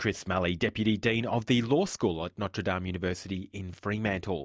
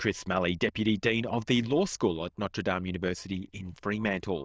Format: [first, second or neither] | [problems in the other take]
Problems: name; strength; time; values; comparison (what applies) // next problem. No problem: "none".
first | noise reduction (neural diffusion model UNIVERSE++)